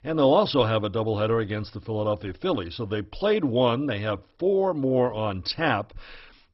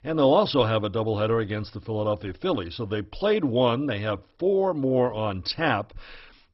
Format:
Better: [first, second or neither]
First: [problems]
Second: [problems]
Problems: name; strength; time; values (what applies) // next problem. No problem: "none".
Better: neither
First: garbled, watery; badly; nothing above 5.5 kHz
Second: garbled, watery; badly; nothing above 5.5 kHz